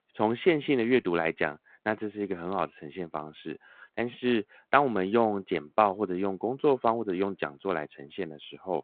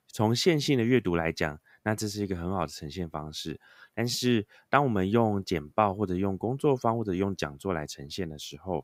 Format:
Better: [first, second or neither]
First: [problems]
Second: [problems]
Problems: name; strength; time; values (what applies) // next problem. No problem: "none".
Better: second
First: phone-call audio; nothing above 3.5 kHz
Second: none